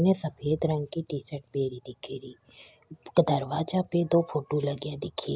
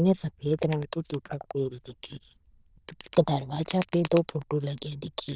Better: first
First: none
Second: noise reduction (neural diffusion model UNIVERSE++)

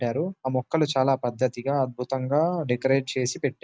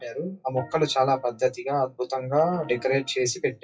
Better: first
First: none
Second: noise reduction (classical method WPE with log-MMSE)

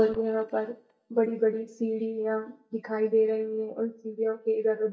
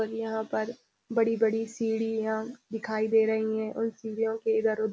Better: second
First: noise reduction (neural mask model DeepFilterNet 3)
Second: none

